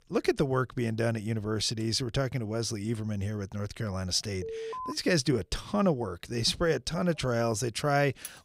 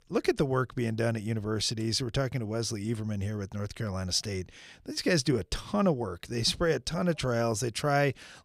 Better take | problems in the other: second | alarm; noticeable; at 4.5 s; peak 7 dB below the speech // clattering dishes; very faint; at 8 s; peak 15 dB below the speech

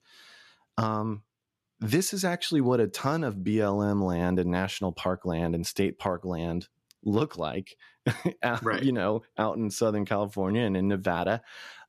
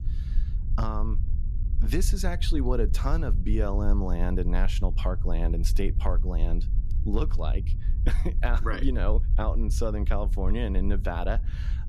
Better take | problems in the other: first | low rumble; noticeable; throughout; 15 dB below the speech

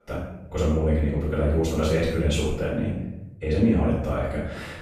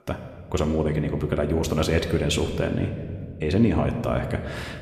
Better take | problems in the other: second | room echo; strong; dies away in 0.8 s; slight in the second // off-mic speech; far

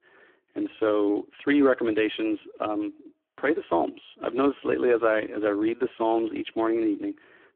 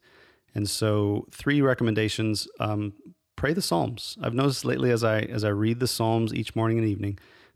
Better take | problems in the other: second | phone-call audio; poor line

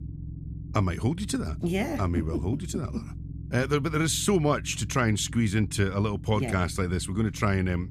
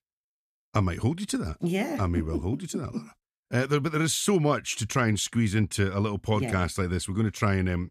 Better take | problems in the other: second | low rumble; faint; throughout; 20 dB below the speech

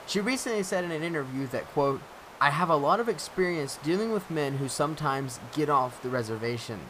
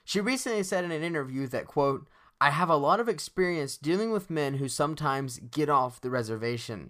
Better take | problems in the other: second | hiss; noticeable; throughout; 15 dB below the speech

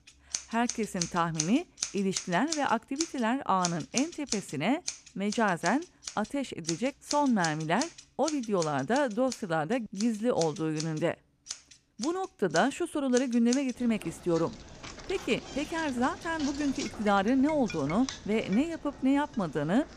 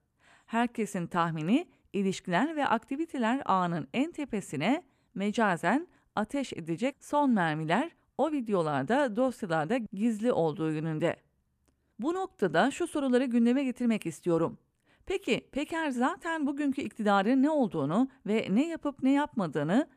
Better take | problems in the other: second | household noises; loud; throughout; 9 dB below the speech

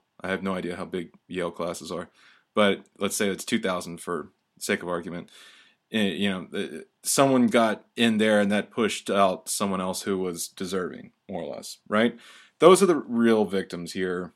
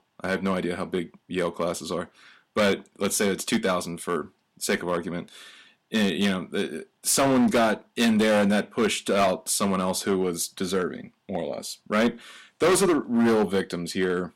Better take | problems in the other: first | distortion; heavy; 7% of the sound clipped

